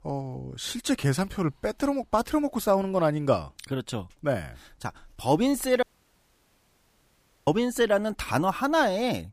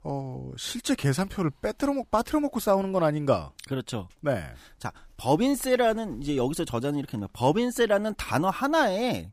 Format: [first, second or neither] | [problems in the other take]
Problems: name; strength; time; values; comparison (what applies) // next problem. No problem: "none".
second | audio cutting out; at 6 s for 1.5 s